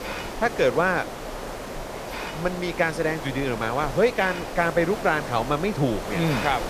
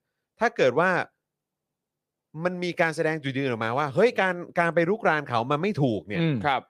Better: second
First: hiss; loud; throughout; 9 dB below the speech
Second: none

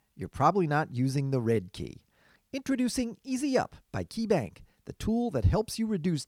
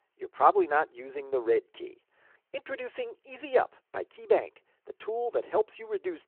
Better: first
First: none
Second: phone-call audio

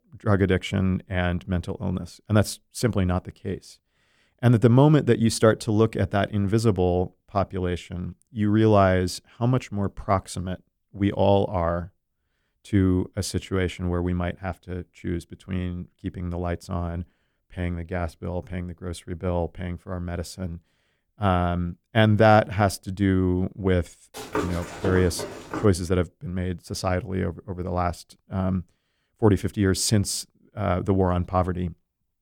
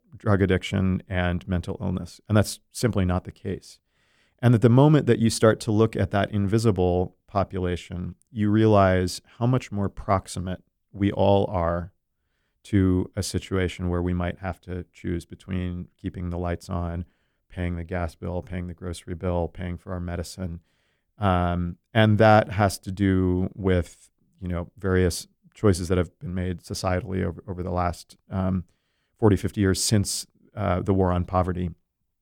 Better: second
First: footsteps; noticeable; from 24 to 26 s; peak 5 dB below the speech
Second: none

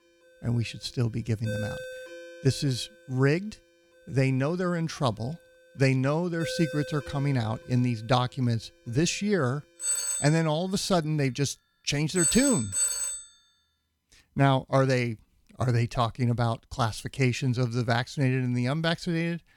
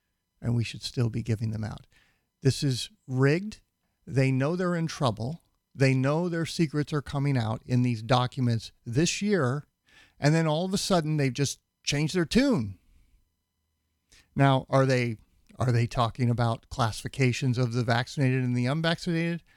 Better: second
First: alarms or sirens; loud; until 13 s; 2 dB below the speech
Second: none

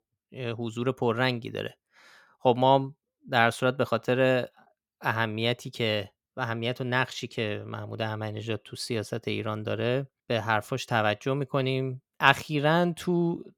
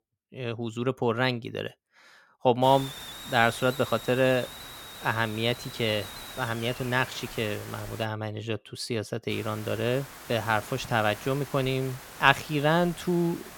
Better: first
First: none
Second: hiss; noticeable; from 2.5 to 8 s and from 9.5 s on; 15 dB below the speech

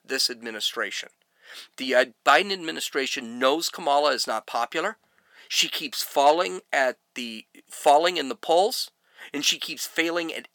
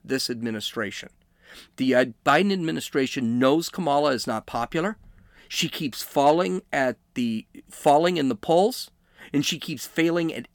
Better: second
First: thin; somewhat; fading below 550 Hz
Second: none

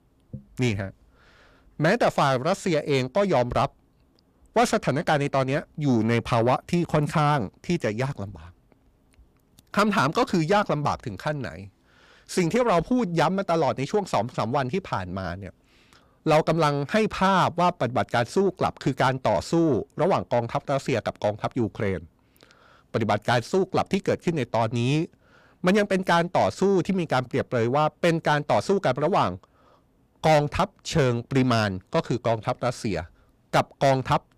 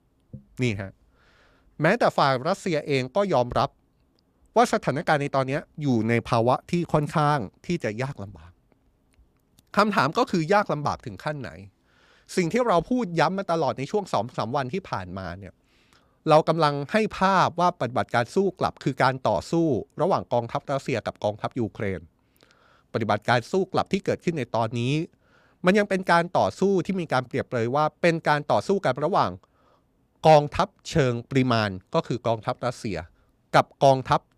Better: second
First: distortion; slight; 10 dB below the speech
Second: none

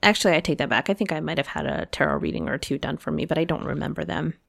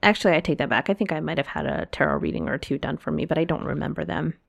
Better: first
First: none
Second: muffled; very slightly; fading above 4 kHz

